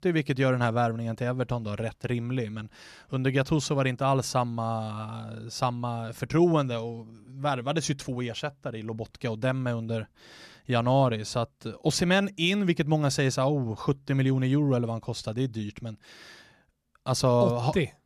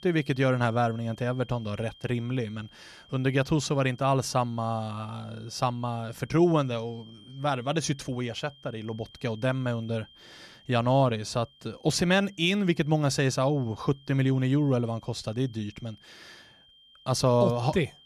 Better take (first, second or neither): first